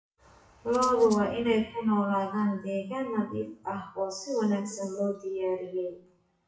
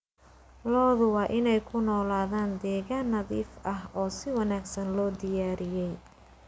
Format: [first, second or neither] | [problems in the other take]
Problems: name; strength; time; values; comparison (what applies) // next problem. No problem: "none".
second | noise reduction (classical method WPE with log-MMSE)